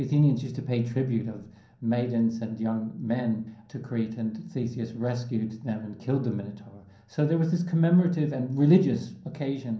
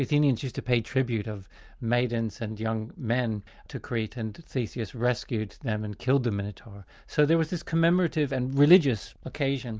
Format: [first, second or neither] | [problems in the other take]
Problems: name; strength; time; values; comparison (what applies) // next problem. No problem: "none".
second | room echo; dies away in 0.6 s